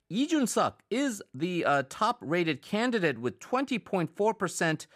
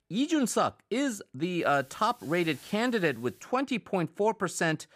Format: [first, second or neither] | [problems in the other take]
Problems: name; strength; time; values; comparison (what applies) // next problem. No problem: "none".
first | hiss; faint; from 1.5 to 3.5 s; 25 dB below the speech